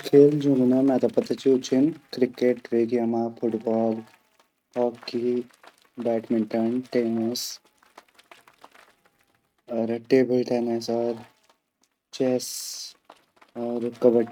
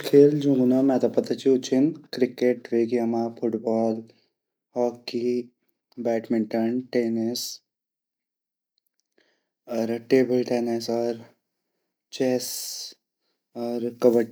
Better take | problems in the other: second | noise reduction (neural mask model RNNoise)

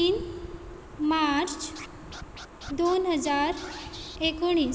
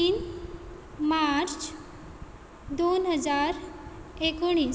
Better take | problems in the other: second | background sound (Scratching (performance technique)); 18 dB below the speech

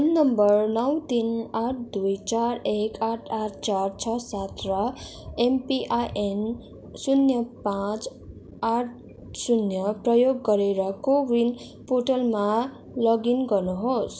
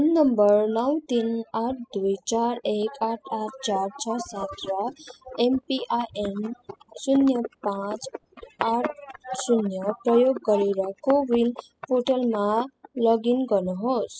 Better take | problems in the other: first | noise reduction (classical method spectral subtraction)

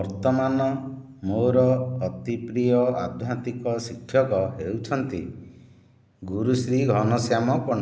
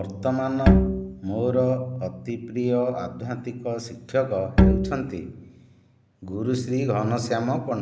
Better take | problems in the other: first | background sound (Bowed string instrument); 5 dB above the speech

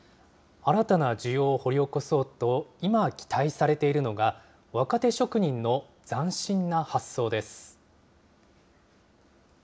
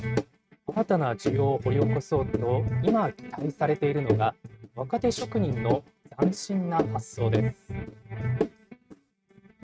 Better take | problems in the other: first | noise reduction (neural mask model RNNoise)

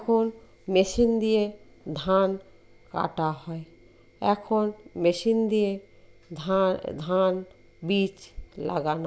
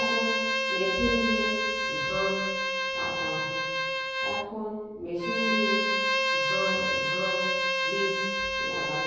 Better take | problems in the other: first | background sound (Bowed string instrument); 5 dB above the speech // room echo; dies away in 1.3 s

